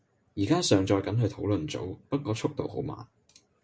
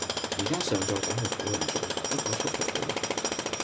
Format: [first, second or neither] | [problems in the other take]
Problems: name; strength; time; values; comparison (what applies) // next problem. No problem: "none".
first | background sound (Tools); 4 dB above the speech